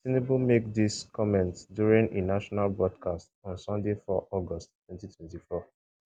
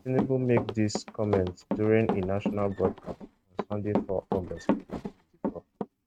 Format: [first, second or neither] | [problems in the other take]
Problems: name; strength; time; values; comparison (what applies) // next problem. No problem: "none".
first | noise reduction (neural mask model RNNoise)